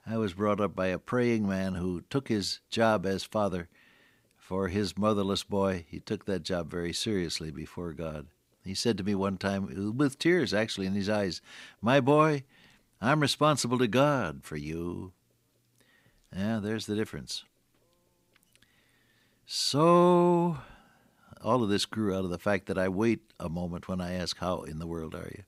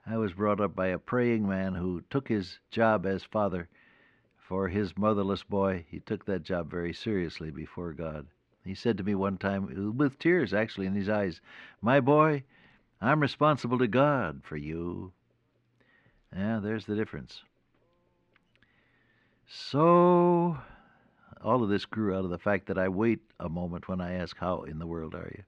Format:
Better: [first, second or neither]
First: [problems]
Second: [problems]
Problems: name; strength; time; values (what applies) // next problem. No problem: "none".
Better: first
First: none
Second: muffled; slightly; fading above 2 kHz